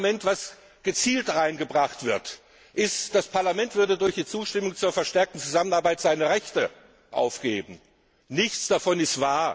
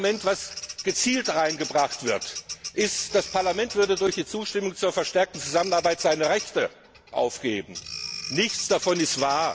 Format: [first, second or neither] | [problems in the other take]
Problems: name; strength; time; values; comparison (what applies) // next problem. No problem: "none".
first | background sound (Bird vocalization, bird call, bird song); 12 dB below the speech